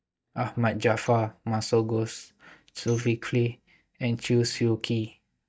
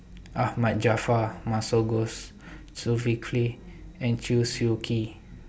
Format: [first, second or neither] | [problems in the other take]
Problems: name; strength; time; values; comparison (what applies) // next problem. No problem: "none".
second | noise reduction (neural mask model DeepFilterNet 3)